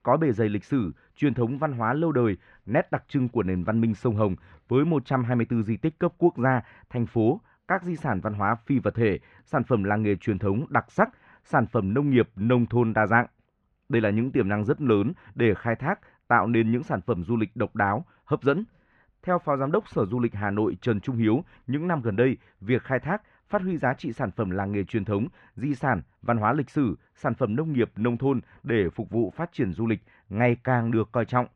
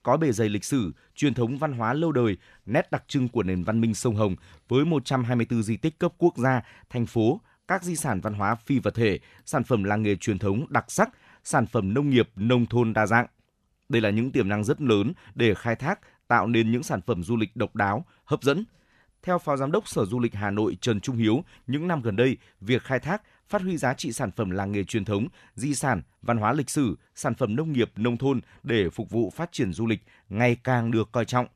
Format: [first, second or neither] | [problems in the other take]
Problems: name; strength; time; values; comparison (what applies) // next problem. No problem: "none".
second | muffled; very; fading above 1.5 kHz